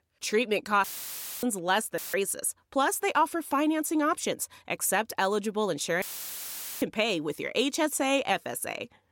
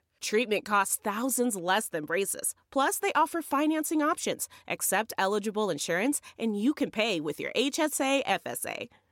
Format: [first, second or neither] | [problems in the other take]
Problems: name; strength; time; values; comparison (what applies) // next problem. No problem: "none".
second | audio cutting out; filled with static; at 1 s for 0.5 s, at 2 s and at 6 s for 1 s